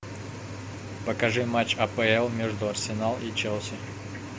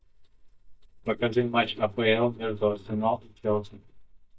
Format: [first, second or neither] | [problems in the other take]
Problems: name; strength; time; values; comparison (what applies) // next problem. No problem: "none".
first | noise reduction (neural mask model DeepFilterNet 3)